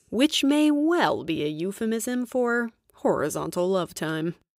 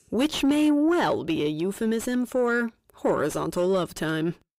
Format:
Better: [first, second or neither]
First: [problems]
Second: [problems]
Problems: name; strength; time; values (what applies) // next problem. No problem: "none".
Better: first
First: none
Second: distortion; slight; 10 dB below the speech